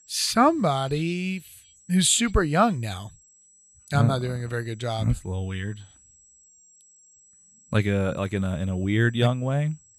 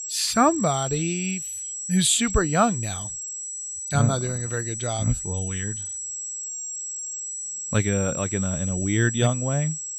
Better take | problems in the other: first | high-pitched whine; loud; throughout; 7.5 kHz, 5 dB below the speech; faint in the first

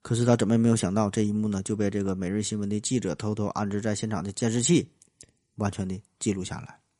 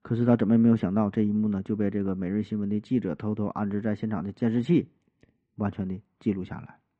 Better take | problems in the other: first | muffled; very; fading above 2.5 kHz

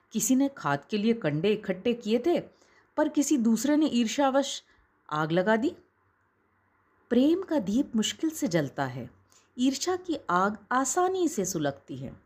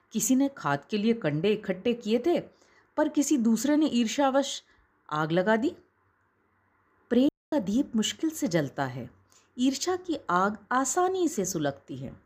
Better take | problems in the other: first | audio cutting out; at 7.5 s

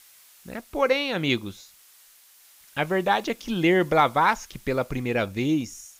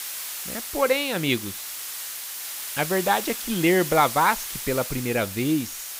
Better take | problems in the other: first | hiss; loud; throughout; 7 dB below the speech; faint in the first

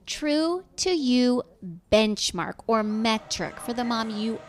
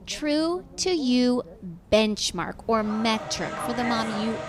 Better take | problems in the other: first | traffic noise; loud; throughout; 10 dB below the speech; faint in the first

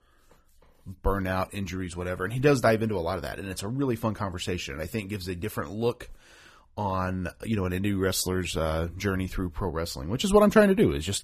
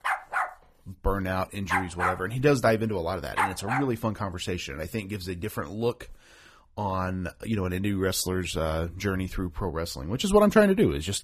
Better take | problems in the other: first | dog barking; loud; until 4 s; peak 1 dB above the speech

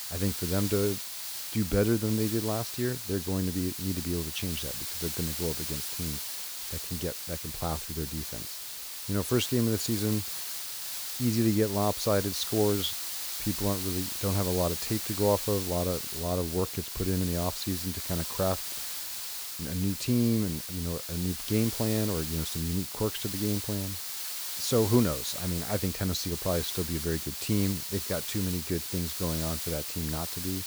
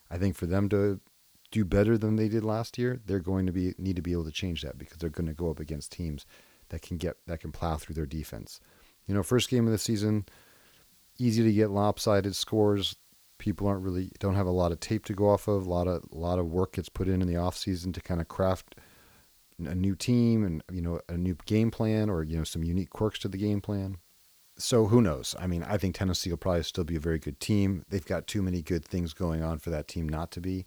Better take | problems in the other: second | hiss; loud; throughout; 3 dB below the speech; faint in the second

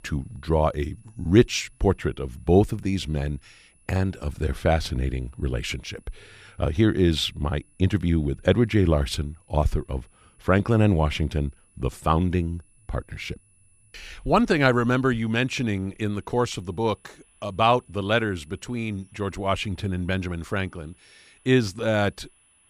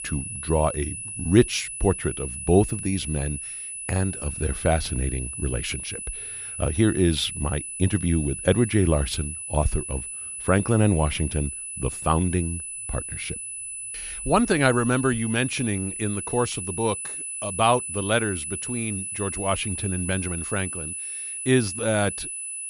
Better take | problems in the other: first | high-pitched whine; loud; throughout; 10 kHz, 6 dB below the speech; faint in the first

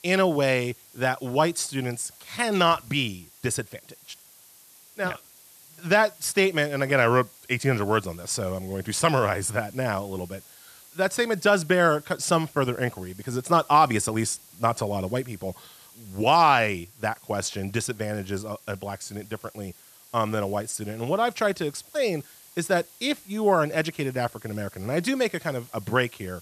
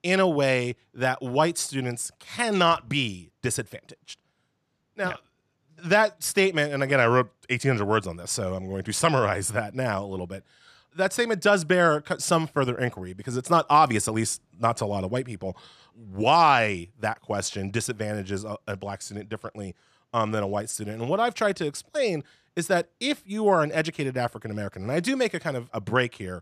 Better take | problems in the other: second | hiss; faint; throughout; 25 dB below the speech

